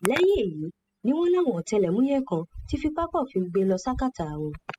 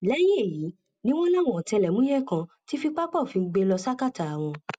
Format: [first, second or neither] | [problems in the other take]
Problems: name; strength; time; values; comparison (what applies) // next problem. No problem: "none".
second | noise reduction (classical method spectral subtraction)